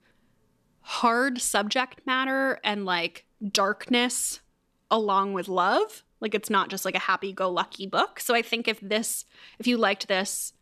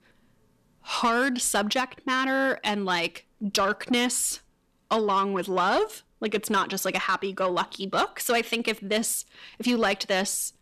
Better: first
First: none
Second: distortion; slight; 10 dB below the speech

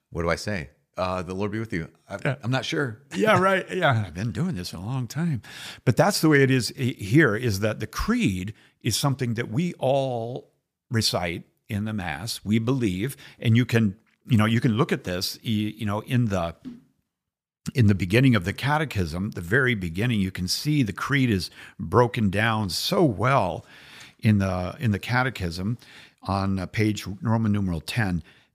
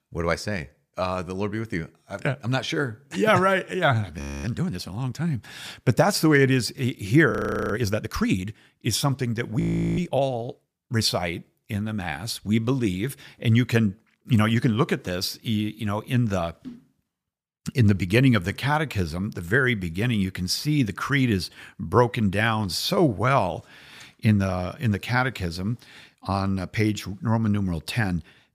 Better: first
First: none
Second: audio freezing; at 4 s, at 7.5 s and at 9.5 s

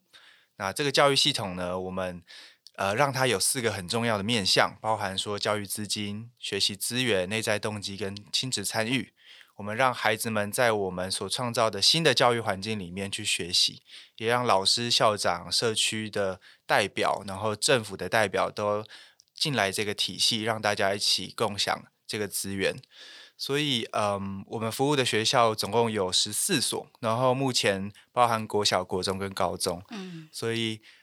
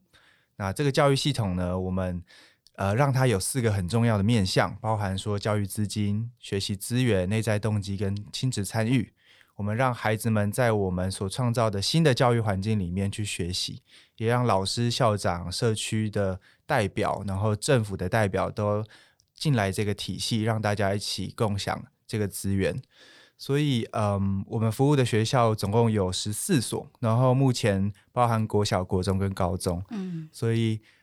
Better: second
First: thin; somewhat; fading below 600 Hz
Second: none

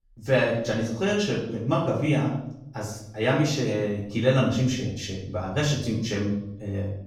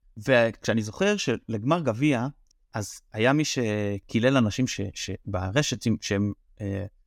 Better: second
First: off-mic speech; far // room echo; noticeable; dies away in 0.7 s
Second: none

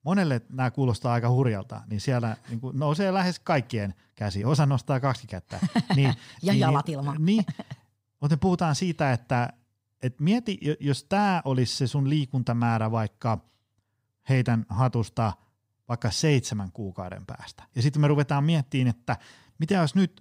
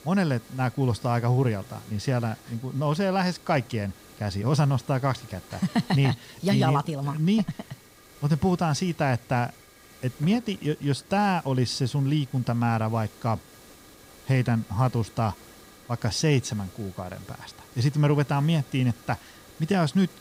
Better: first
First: none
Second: hiss; faint; throughout; 25 dB below the speech

